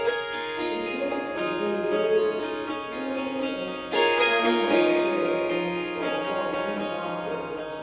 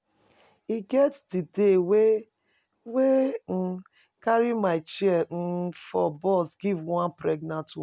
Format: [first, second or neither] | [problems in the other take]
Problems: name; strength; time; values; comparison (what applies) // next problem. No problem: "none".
second | background sound (Harp); 4 dB above the speech // room echo; dies away in 1.8 s